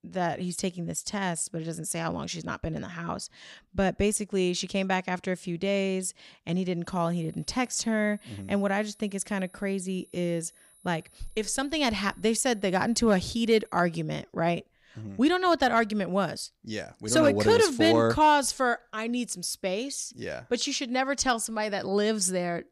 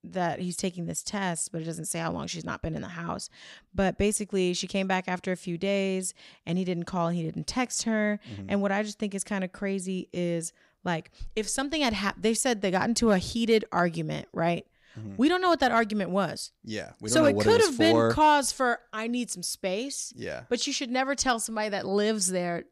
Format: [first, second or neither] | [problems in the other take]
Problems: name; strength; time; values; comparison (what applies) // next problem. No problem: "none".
second | high-pitched whine; faint; from 7 to 14 s; 10 kHz, 30 dB below the speech